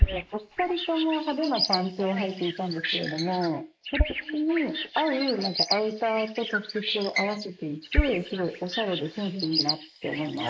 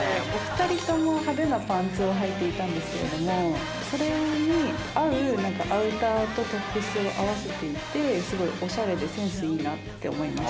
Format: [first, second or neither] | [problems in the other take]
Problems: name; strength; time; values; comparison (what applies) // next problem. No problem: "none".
second | noise reduction (neural mask model Resemble Enhance denoiser)